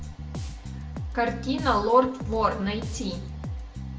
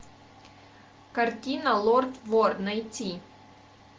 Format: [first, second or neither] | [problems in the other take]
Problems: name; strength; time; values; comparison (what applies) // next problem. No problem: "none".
second | background sound (Bass guitar); 7 dB below the speech // room echo; dies away in 0.7 s